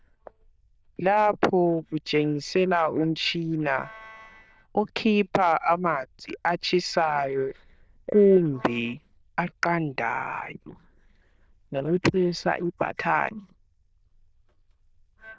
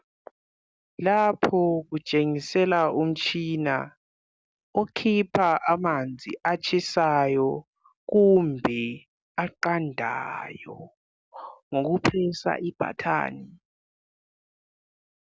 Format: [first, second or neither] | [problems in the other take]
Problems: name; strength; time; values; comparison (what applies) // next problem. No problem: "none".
second | noise reduction (neural diffusion model UNIVERSE++)